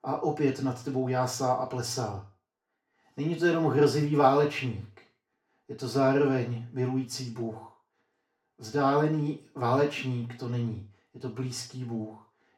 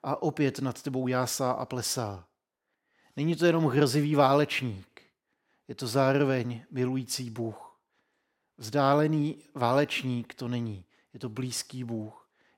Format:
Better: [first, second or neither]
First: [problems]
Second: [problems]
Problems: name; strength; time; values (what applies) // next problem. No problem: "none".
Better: second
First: room echo; slight; dies away in 0.3 s // off-mic speech; far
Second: none